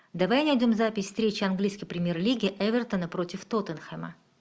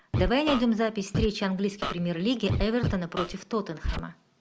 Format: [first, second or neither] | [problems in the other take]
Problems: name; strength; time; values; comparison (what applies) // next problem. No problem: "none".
first | background sound (Scratching (performance technique)); 5 dB below the speech